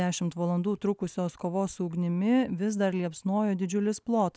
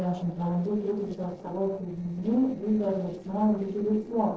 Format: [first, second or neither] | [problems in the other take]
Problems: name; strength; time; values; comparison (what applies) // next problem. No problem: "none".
first | noise reduction (neural separator model SepFormer DNS4)